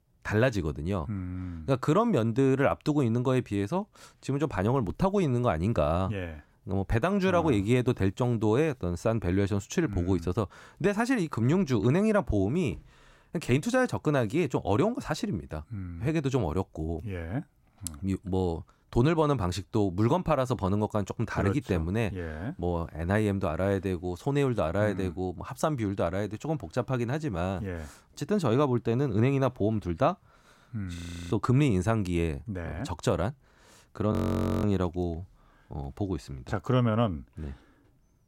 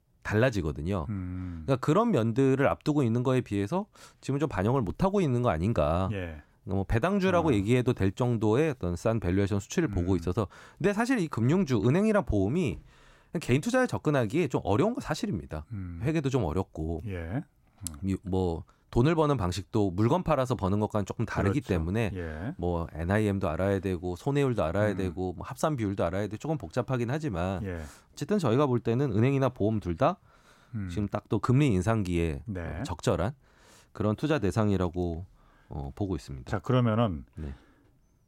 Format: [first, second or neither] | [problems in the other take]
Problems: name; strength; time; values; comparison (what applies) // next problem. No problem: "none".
second | audio freezing; at 31 s and at 34 s for 0.5 s